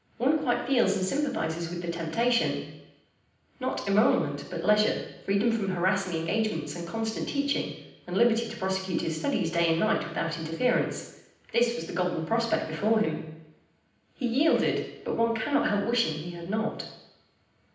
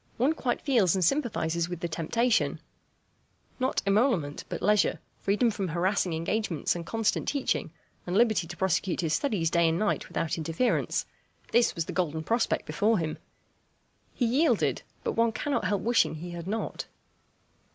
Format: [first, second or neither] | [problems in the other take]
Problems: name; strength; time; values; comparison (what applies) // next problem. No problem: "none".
second | room echo; dies away in 0.9 s